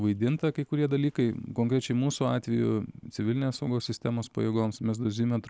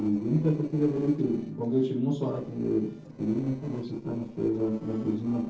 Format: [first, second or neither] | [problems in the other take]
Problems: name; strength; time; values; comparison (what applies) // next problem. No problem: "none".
first | noise reduction (neural separator model SepFormer DNS4)